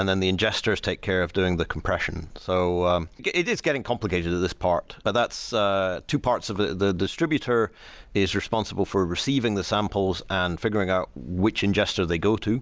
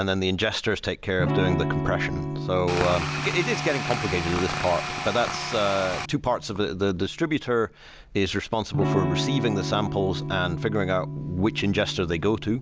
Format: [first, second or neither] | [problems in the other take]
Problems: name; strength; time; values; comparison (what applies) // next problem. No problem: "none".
first | background sound (Electric guitar / Strum + Tools); 4 dB below the speech